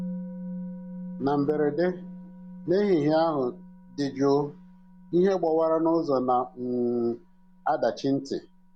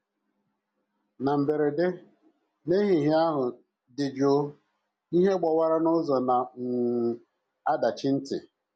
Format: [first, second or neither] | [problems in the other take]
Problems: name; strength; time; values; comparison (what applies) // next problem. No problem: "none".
second | background sound (Musical instrument); 15 dB below the speech